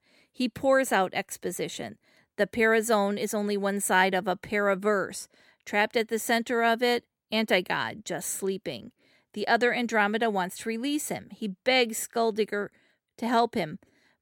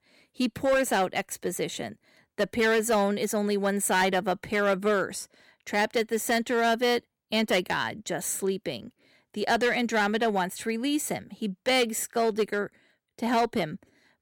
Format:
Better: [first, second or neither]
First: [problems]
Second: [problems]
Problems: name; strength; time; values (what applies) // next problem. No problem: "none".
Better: first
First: none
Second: distortion; slight; 5% of the sound clipped